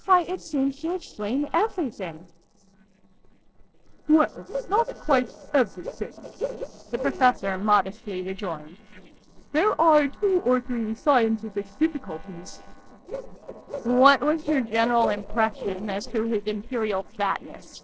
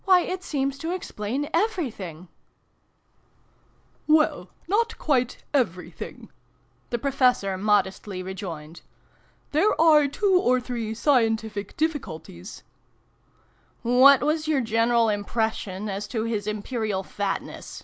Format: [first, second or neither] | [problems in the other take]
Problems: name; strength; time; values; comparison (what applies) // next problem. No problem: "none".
second | noise reduction (neural separator model SepFormer DNS4)